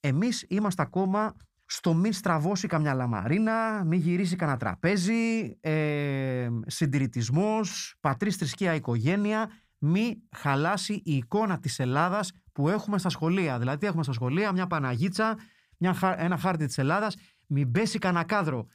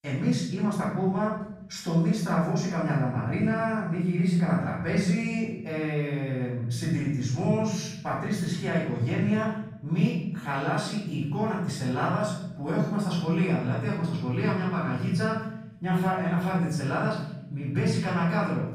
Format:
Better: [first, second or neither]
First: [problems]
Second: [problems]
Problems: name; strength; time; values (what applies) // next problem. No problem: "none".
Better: first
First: none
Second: off-mic speech; far // room echo; noticeable; dies away in 0.9 s